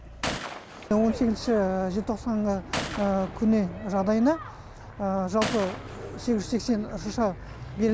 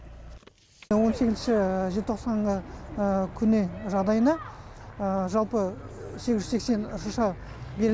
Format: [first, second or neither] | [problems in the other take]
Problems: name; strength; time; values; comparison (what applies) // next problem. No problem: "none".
second | background sound (Gunshot, gunfire); 12 dB below the speech